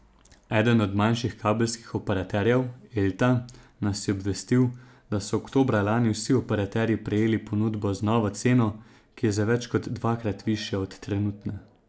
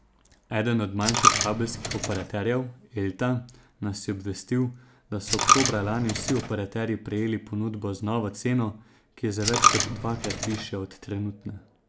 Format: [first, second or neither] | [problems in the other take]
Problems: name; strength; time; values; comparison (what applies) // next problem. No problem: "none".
first | background sound (Coin (dropping)); as loud as the speech